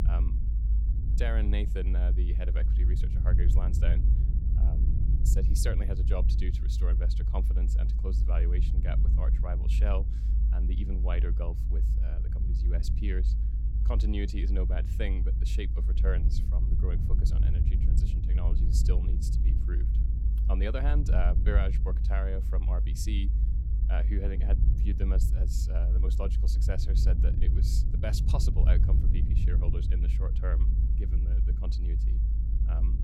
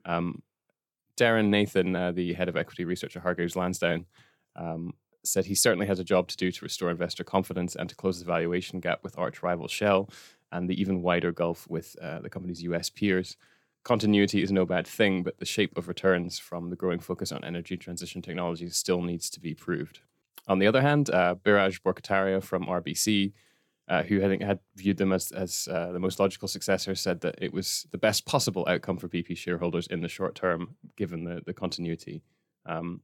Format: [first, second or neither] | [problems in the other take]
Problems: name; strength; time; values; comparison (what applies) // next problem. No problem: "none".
second | low rumble; loud; throughout; 5 dB below the speech